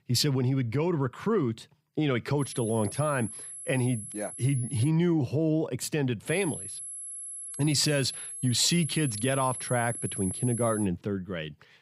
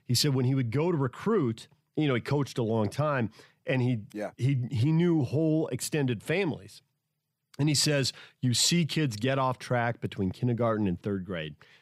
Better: second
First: high-pitched whine; loud; from 2.5 to 5 s and from 6.5 to 11 s; 11 kHz, 8 dB below the speech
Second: none

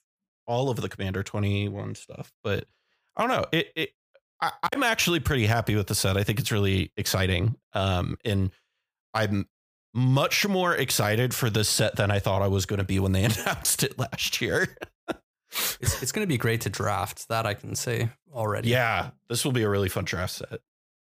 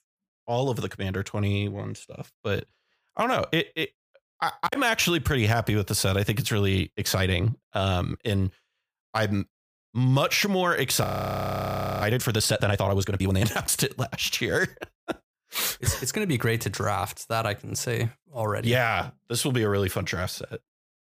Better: first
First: none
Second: audio freezing; at 11 s for 1 s

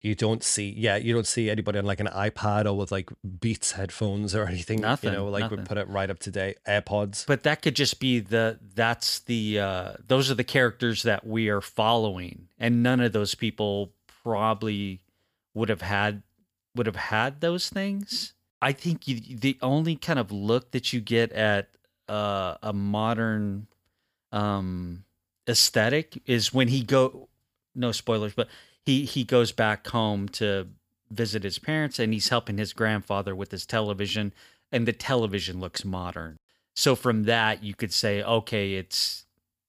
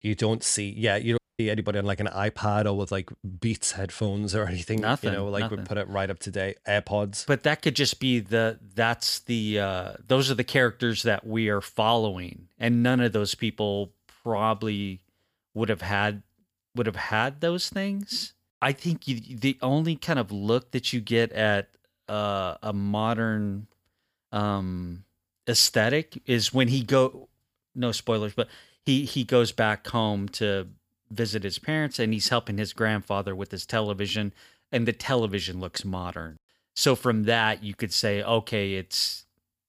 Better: first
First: none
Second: audio cutting out; at 1 s

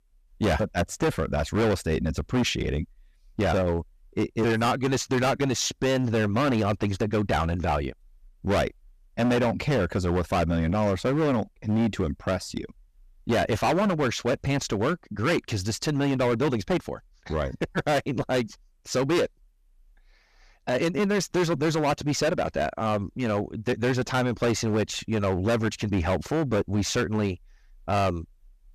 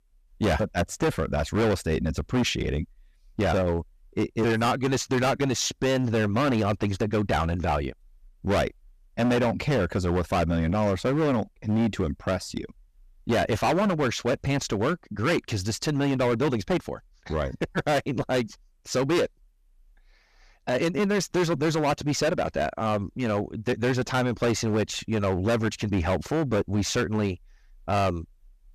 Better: neither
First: distortion; heavy; 14% of the sound clipped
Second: distortion; heavy; 14% of the sound clipped

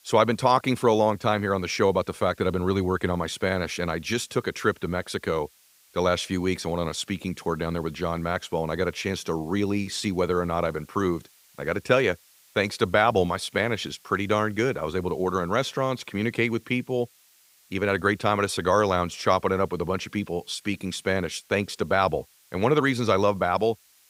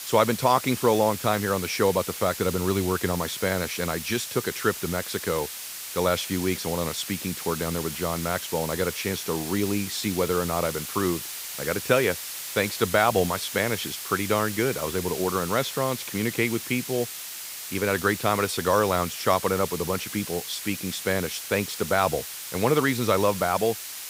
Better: first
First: hiss; faint; throughout; 30 dB below the speech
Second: hiss; loud; throughout; 7 dB below the speech

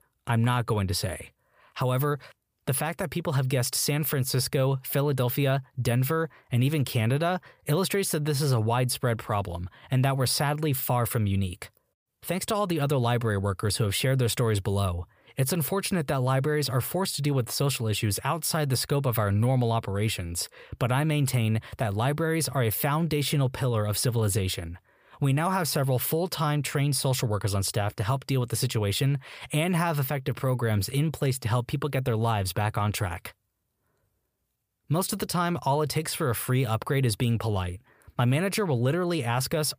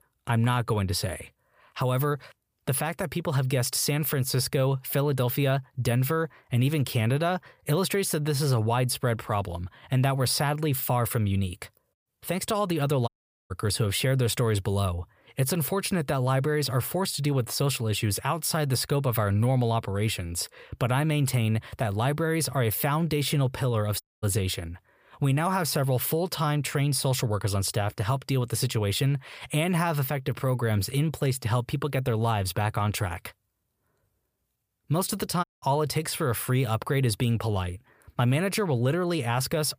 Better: first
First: none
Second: audio cutting out; at 13 s, at 24 s and at 35 s

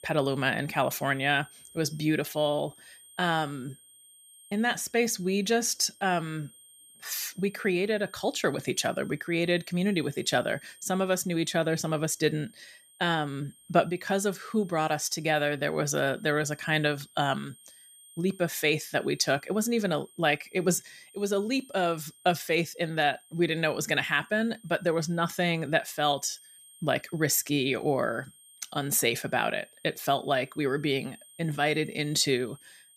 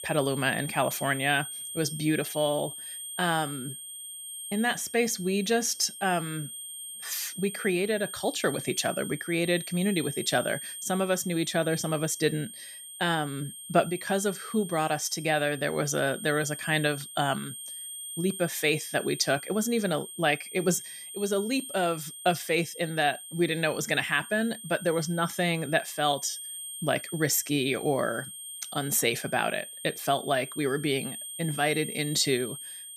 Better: first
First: high-pitched whine; faint; throughout; 8.5 kHz, 25 dB below the speech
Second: high-pitched whine; loud; throughout; 8.5 kHz, 10 dB below the speech

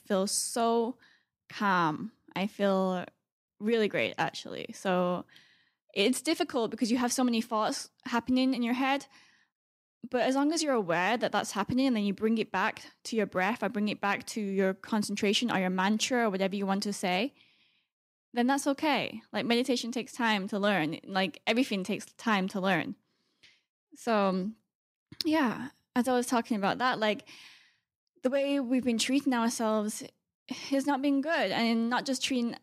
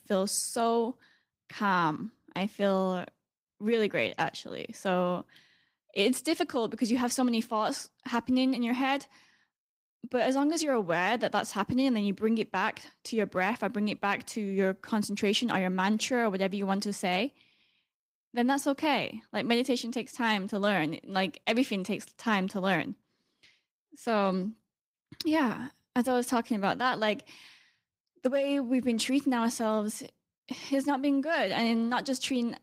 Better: first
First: none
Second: garbled, watery; slightly; nothing above 15.5 kHz

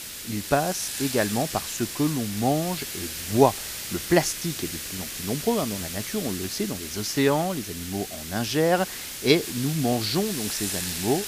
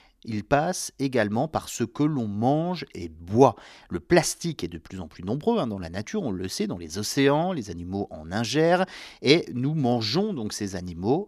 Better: second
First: hiss; loud; throughout; 6 dB below the speech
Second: none

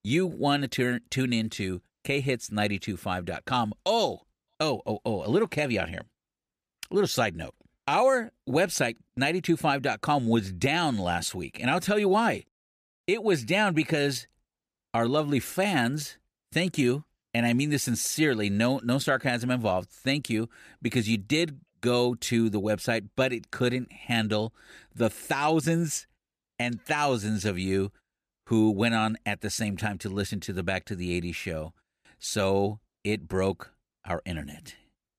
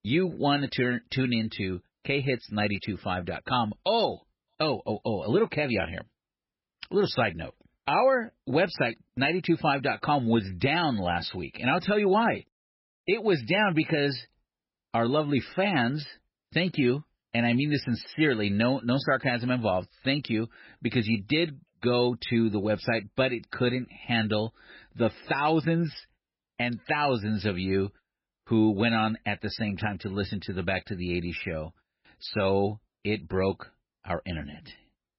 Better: first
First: none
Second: garbled, watery; badly; nothing above 5.5 kHz

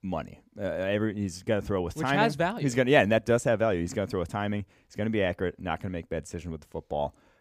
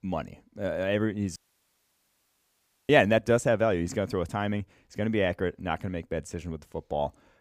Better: first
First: none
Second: audio cutting out; at 1.5 s for 1.5 s

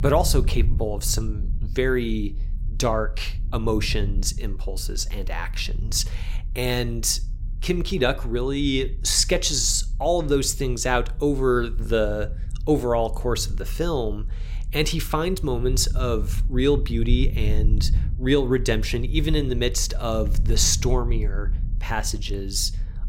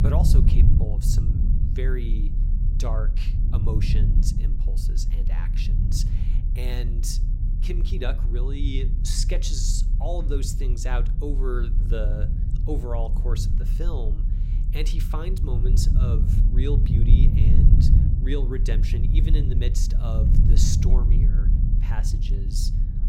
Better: first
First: low rumble; faint; throughout; 20 dB below the speech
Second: low rumble; loud; throughout; 3 dB below the speech

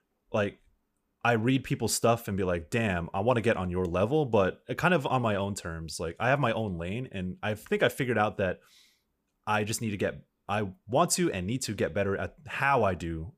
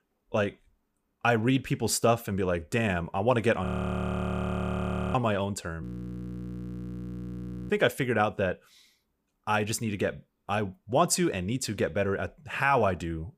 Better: first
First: none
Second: audio freezing; at 3.5 s for 1.5 s and at 6 s for 2 s

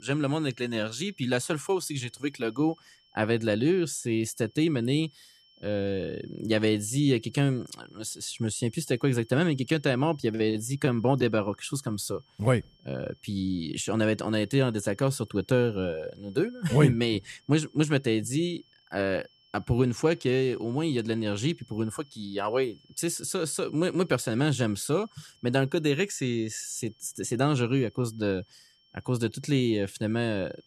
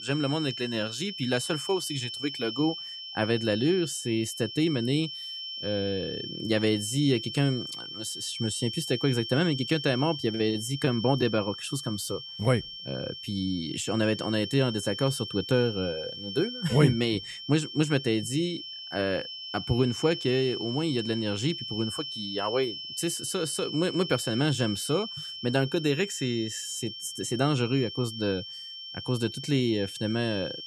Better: first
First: high-pitched whine; faint; throughout; 3 kHz, 30 dB below the speech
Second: high-pitched whine; loud; throughout; 3 kHz, 7 dB below the speech

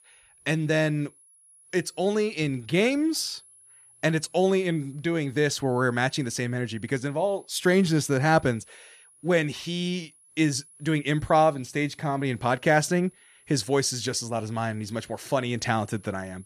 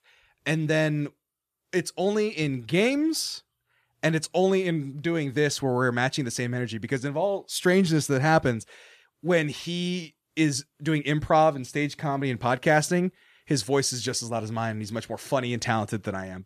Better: second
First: high-pitched whine; faint; throughout; 10.5 kHz, 25 dB below the speech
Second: none

